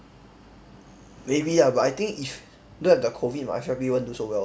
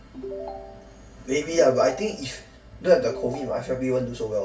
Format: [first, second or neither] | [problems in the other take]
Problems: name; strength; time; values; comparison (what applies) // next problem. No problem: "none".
first | background sound (Ringtone / Chime); 13 dB below the speech // room echo; dies away in 0.2 s